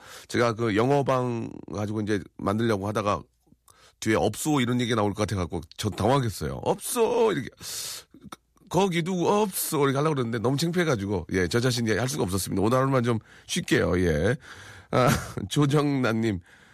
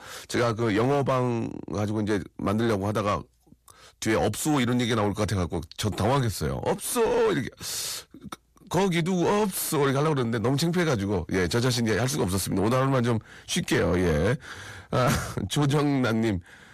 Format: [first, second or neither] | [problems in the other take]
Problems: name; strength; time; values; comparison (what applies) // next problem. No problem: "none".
first | distortion; slight; 10 dB below the speech